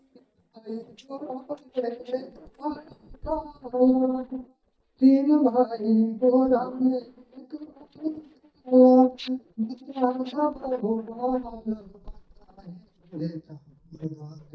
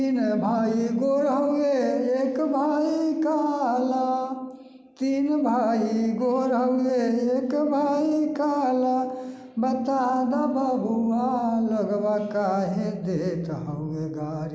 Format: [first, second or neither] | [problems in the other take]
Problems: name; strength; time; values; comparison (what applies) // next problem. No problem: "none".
second | noise reduction (neural mask model DeepFilterNet 3)